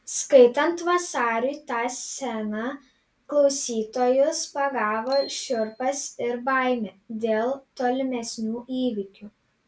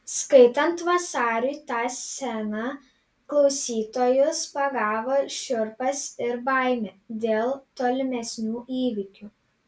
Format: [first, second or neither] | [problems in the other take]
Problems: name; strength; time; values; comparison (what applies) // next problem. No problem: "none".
second | background sound (Bicycle bell); 18 dB below the speech